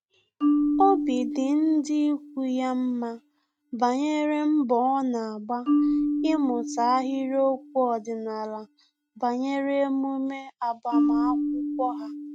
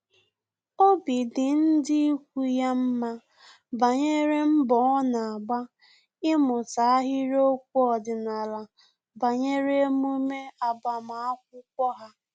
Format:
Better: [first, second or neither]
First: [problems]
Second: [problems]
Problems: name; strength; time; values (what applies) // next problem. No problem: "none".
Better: second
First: noise reduction (neural mask model RNNoise)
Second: none